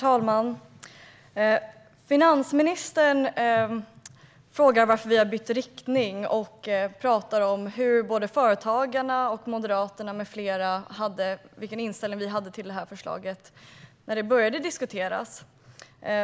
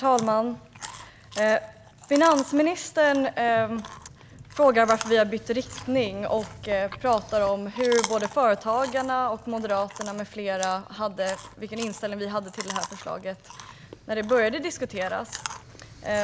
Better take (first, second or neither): first